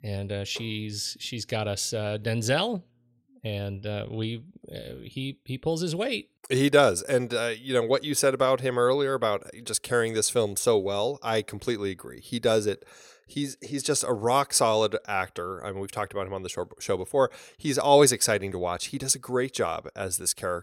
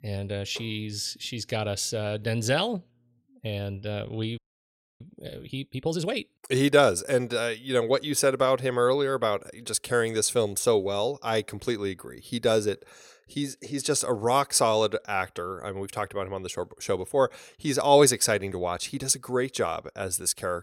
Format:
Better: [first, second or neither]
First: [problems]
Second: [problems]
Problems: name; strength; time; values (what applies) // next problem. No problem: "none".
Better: first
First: none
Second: audio freezing; at 4.5 s for 0.5 s